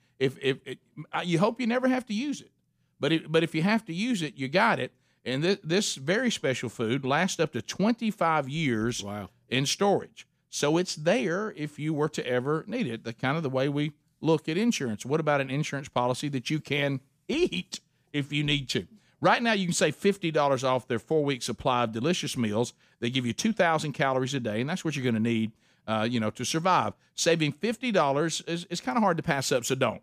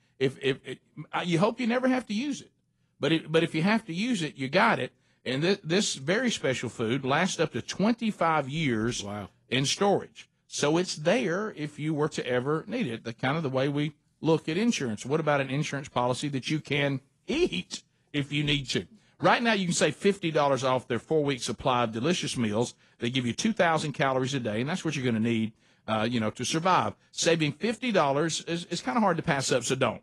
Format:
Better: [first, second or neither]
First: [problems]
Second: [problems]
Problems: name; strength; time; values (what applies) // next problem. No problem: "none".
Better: first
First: none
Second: garbled, watery; slightly